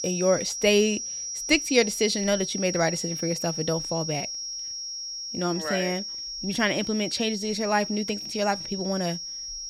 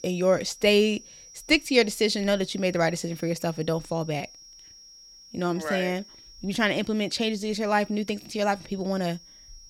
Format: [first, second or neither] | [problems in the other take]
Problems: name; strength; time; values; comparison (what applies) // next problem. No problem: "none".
second | high-pitched whine; loud; throughout; 5.5 kHz, 5 dB below the speech; faint in the second